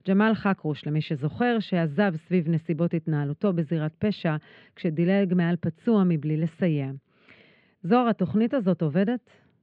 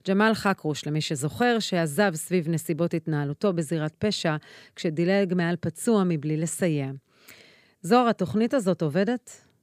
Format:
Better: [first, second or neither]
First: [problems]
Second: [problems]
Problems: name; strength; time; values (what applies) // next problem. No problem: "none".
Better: second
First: muffled; slightly; fading above 3 kHz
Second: none